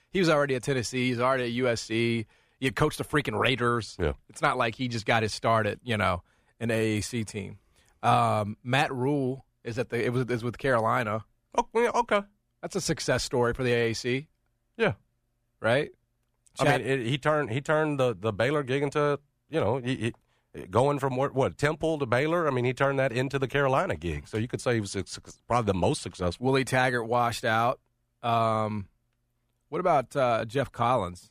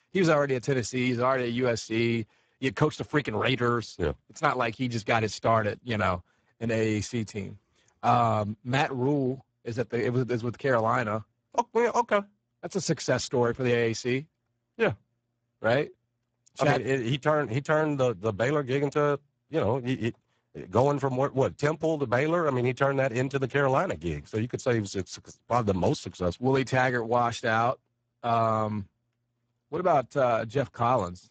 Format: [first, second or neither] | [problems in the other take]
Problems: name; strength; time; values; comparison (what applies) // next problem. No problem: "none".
first | garbled, watery; badly; nothing above 7.5 kHz